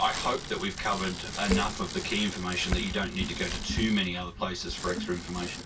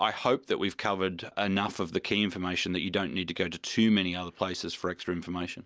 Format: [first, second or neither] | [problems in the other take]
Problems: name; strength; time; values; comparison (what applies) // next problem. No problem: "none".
second | background sound (Bicycle); 5 dB below the speech // room echo; dies away in 0.2 s